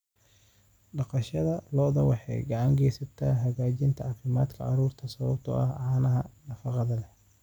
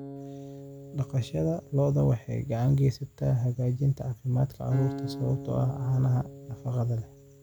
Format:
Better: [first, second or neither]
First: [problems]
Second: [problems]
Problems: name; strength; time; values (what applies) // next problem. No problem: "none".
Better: first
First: none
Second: background sound (Acoustic guitar); 15 dB below the speech